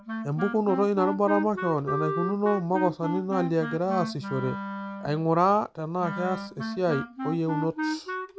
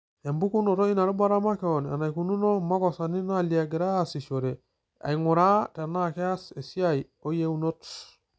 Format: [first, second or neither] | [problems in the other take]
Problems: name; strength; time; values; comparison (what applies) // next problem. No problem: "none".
second | background sound (Wind instrument, woodwind instrument); 6 dB below the speech